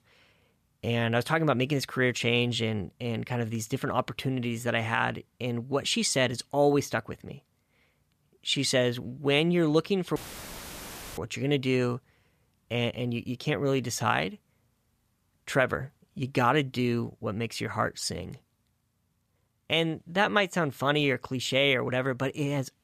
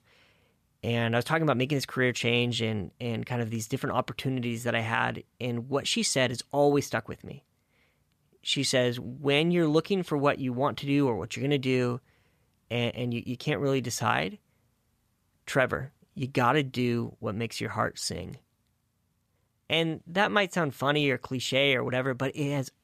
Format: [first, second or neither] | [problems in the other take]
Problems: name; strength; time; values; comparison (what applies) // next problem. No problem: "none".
second | audio cutting out; filled with static; at 10 s for 1 s